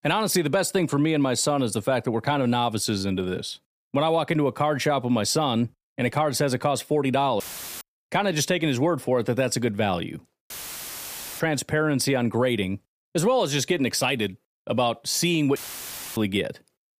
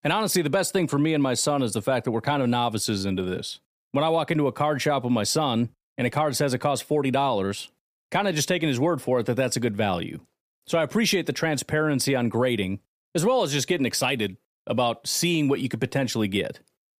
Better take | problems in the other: second | audio cutting out; filled with static; at 7.5 s, at 11 s for 1 s and at 16 s for 0.5 s

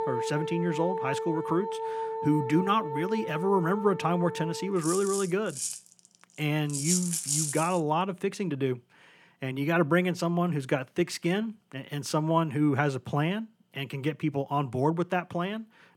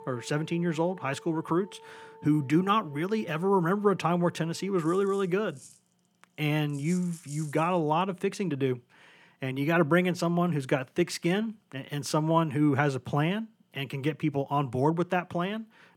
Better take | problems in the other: second | background music; loud; until 7.5 s; 4 dB below the speech; faint in the second

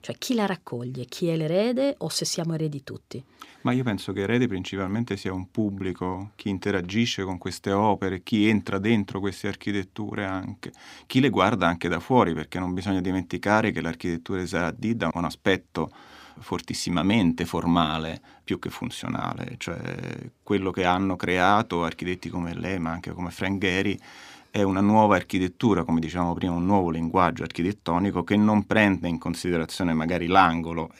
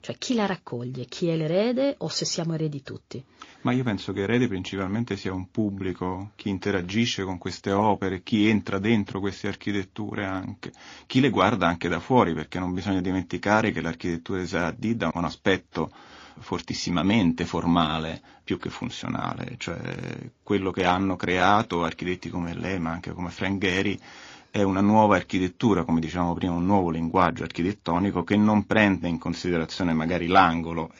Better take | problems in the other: first | garbled, watery; slightly

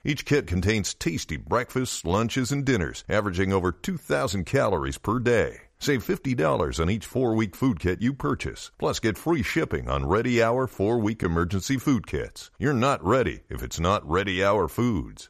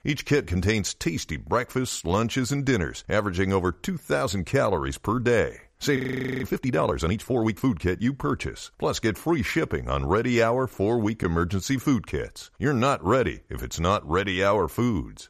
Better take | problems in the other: first | audio freezing; at 6 s

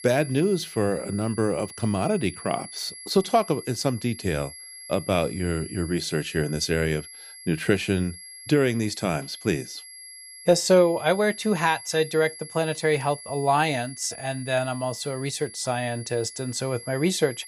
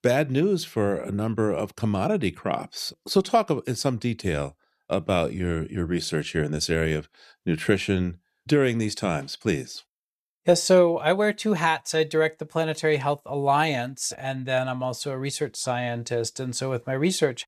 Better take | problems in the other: second | high-pitched whine; noticeable; throughout; 11 kHz, 15 dB below the speech

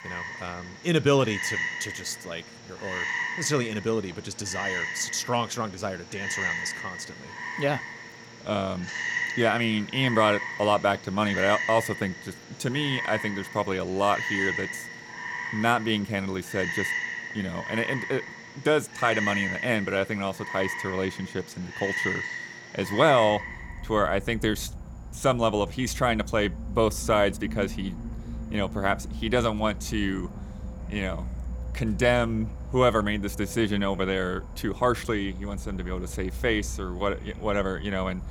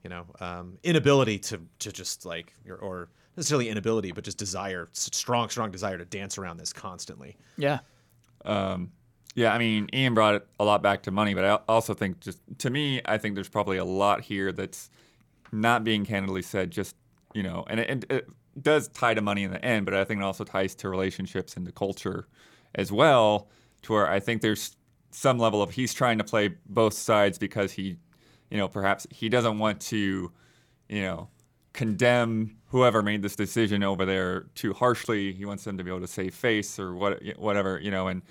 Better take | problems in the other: second | animal sounds; loud; throughout; 7 dB below the speech

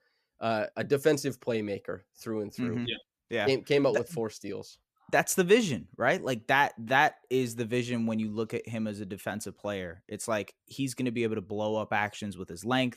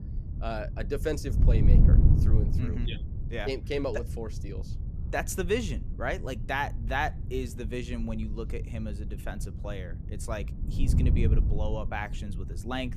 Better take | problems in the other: first | wind noise on the microphone; heavy; 10 dB below the speech

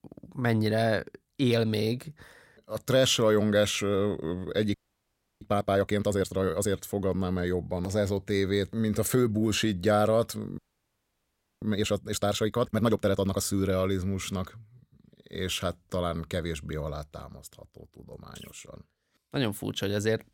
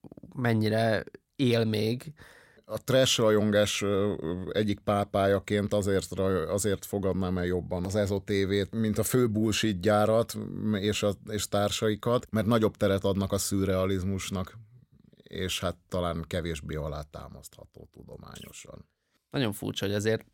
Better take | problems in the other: second | audio freezing; at 4.5 s for 0.5 s and at 11 s for 1 s

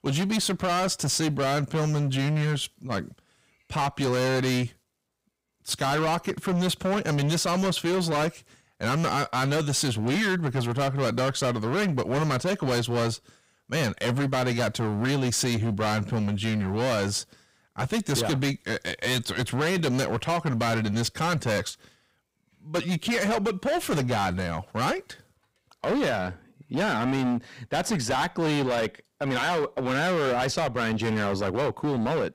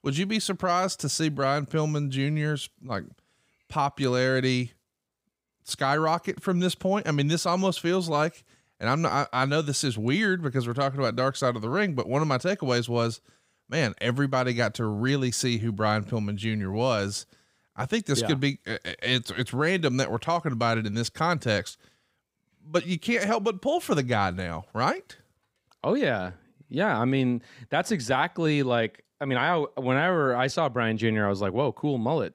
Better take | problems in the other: second | distortion; heavy; 23% of the sound clipped

